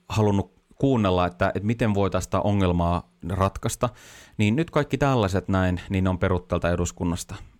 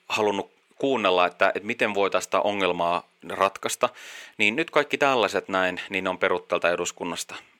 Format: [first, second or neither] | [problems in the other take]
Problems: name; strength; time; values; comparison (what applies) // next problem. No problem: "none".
first | thin; somewhat; fading below 450 Hz